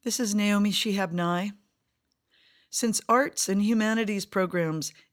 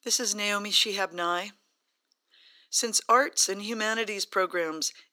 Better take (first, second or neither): first